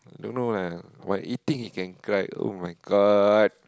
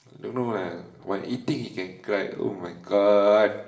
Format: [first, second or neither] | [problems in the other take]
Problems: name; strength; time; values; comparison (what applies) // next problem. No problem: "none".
first | room echo; dies away in 0.7 s